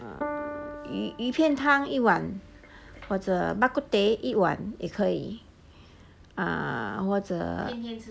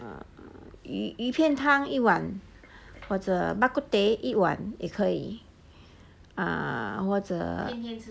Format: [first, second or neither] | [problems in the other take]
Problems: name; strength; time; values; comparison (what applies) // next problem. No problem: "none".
second | background sound (Piano); 16 dB below the speech